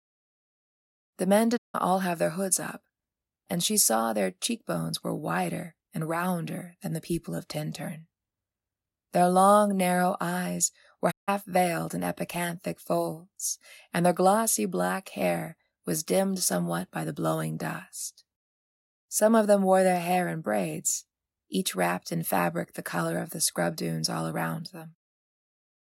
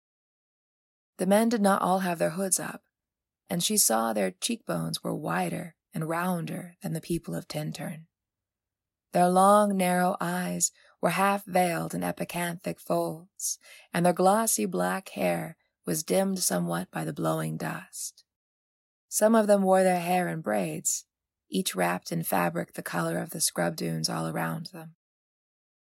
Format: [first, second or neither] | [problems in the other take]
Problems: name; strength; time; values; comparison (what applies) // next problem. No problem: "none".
second | audio cutting out; at 1.5 s and at 11 s